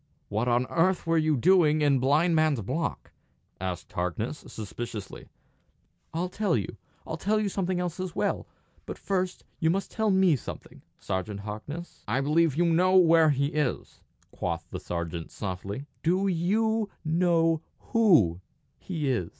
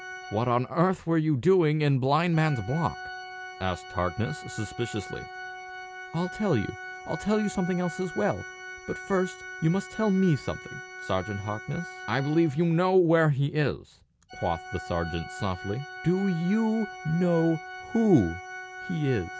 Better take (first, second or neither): first